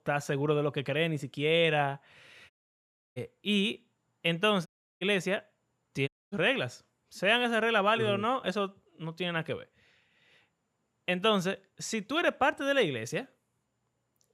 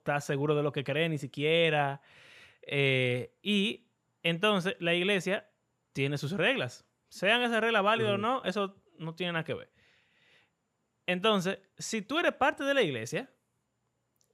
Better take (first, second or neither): second